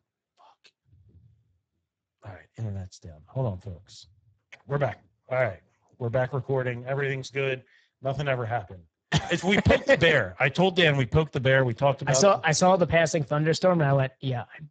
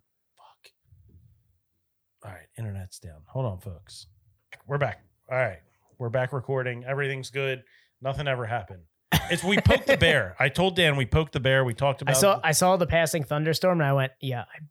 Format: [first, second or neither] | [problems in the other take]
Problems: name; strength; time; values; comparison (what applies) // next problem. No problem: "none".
second | garbled, watery; badly; nothing above 7.5 kHz